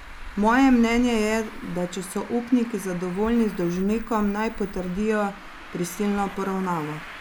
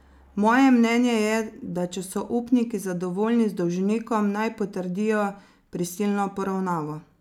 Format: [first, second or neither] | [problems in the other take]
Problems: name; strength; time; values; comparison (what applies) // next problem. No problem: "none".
second | background sound (Traffic noise, roadway noise); 14 dB below the speech